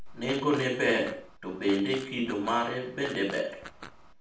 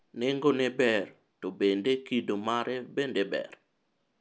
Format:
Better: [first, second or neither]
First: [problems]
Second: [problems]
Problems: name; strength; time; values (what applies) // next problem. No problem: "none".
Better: second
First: background sound (Fart); 17 dB below the speech // room echo; dies away in 0.5 s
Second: none